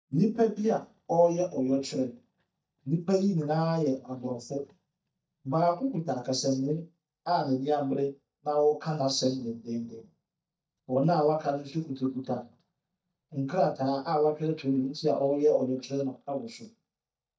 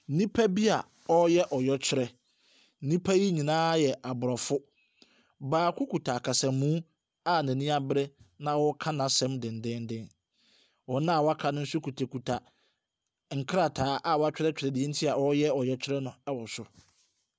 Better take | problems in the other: second | noise reduction (neural mask model DeepFilterNet 3)

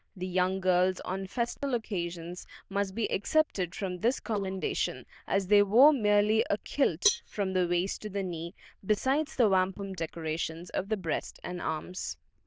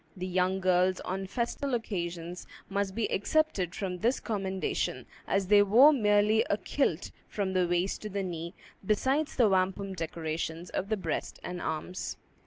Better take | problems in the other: second | noise reduction (neural diffusion model UNIVERSE++)

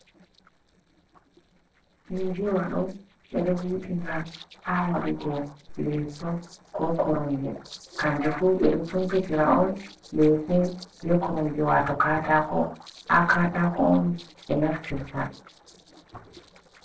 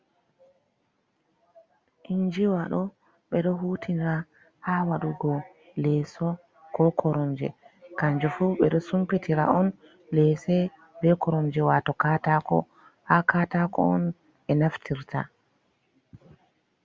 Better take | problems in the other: second | noise reduction (neural separator model SepFormer DNS4)

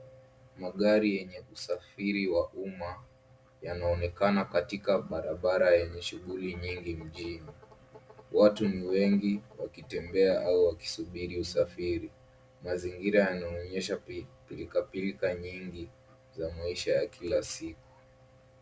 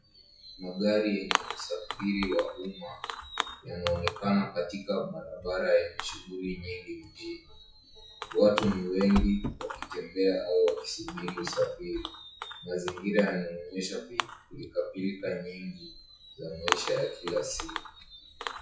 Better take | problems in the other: first | noise reduction (classical method WPE with log-MMSE)

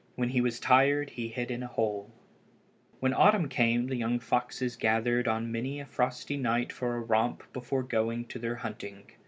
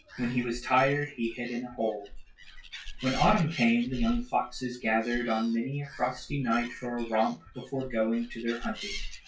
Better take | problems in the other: first | noise reduction (classical method WPE with log-MMSE)

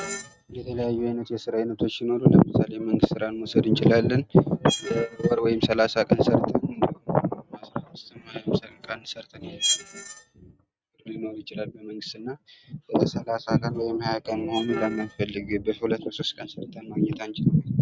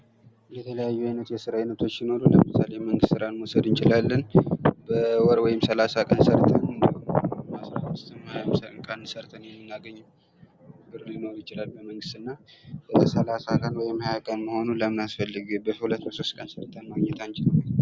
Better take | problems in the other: second | noise reduction (neural mask model RNNoise)

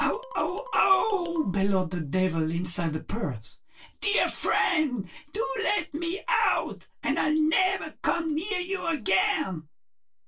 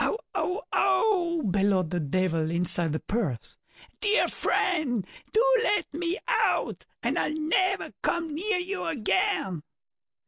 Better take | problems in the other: second | noise reduction (neural separator model SepFormer DNS4)

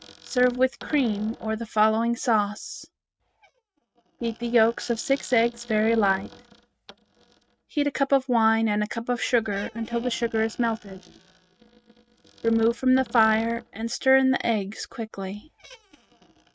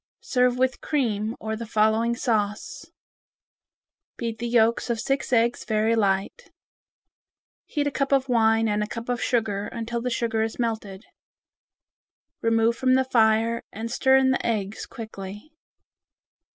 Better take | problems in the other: second | noise reduction (neural mask model RNNoise)

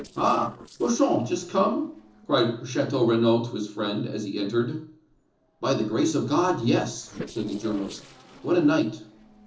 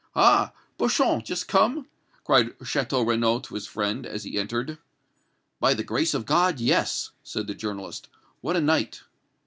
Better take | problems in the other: second | noise reduction (neural separator model SepFormer DNS4)

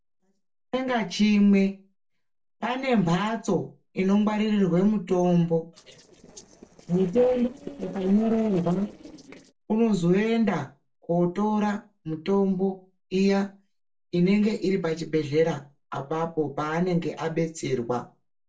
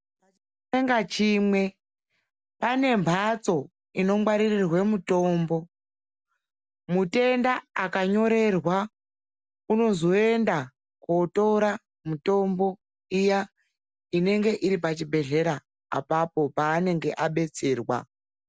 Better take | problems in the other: second | noise reduction (neural separator model SepFormer DNS4)

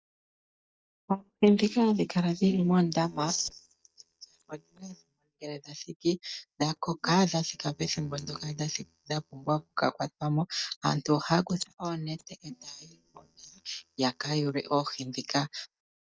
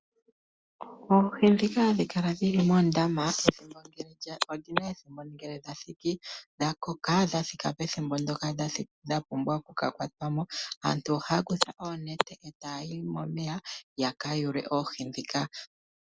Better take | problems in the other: second | noise reduction (neural mask model DeepFilterNet 3)

